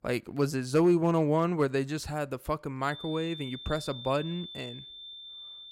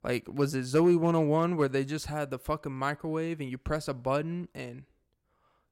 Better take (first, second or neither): second